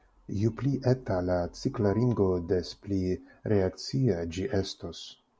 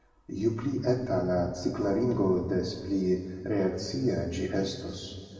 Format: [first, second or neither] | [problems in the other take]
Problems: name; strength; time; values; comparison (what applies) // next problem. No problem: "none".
first | room echo; dies away in 2 s